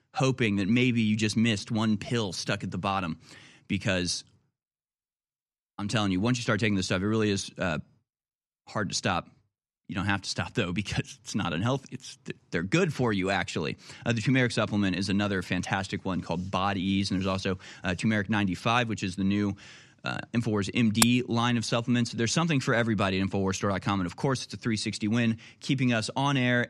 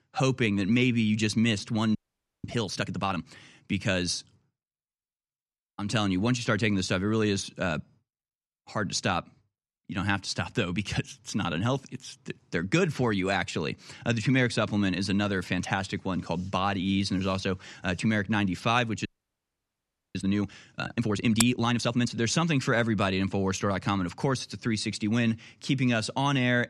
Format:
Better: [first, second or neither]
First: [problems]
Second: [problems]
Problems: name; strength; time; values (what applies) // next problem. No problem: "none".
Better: first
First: none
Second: audio freezing; at 2 s and at 19 s for 1 s